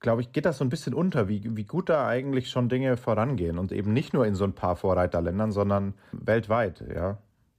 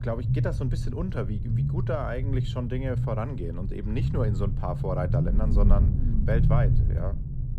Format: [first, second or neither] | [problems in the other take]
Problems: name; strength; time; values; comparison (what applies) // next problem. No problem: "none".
first | low rumble; loud; throughout; 6 dB below the speech